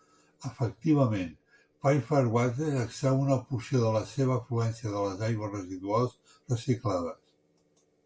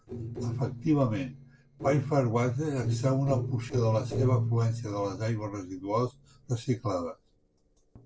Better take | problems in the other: first | noise reduction (neural separator model SepFormer DNS4)

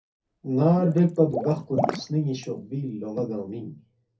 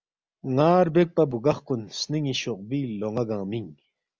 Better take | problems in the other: second | background sound (Water / Liquid); 9 dB below the speech // room echo; dies away in 0.3 s

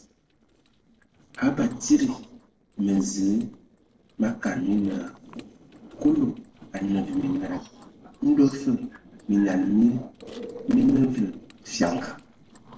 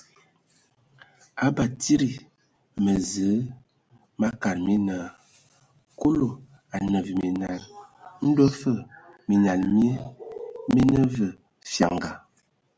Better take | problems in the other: second | noise reduction (neural separator model SepFormer DNS4)

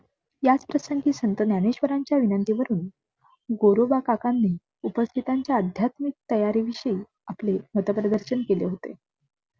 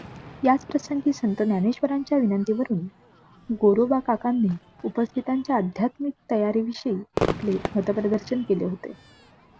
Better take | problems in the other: first | background sound (Crowd / Fireworks); 13 dB below the speech

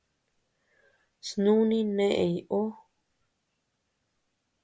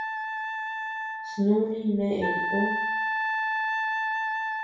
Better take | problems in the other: first | background sound (Wind instrument, woodwind instrument); 1 dB above the speech // room echo; dies away in 0.6 s

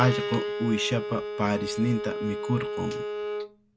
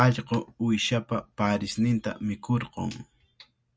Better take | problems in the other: second | background sound (Bowed string instrument); 4 dB below the speech

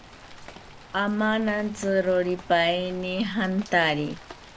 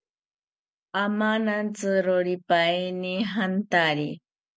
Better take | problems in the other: second | background sound (Rain); 18 dB below the speech

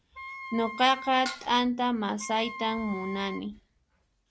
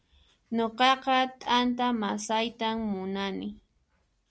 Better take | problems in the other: second | background sound (Wind instrument, woodwind instrument + Dishes, pots, and pans); 12 dB below the speech

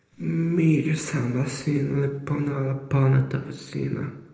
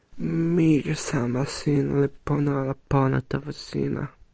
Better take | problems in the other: second | room echo; dies away in 0.8 s

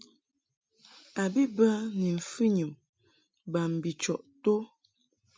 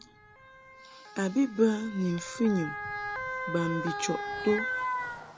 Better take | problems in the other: first | background sound (Motor vehicle (road) / Siren); 6 dB below the speech

